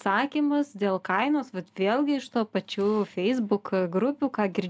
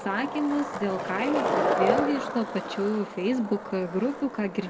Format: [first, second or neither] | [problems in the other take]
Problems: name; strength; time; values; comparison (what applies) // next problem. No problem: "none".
first | background sound (Skateboard); 2 dB below the speech // room echo; dies away in 0.9 s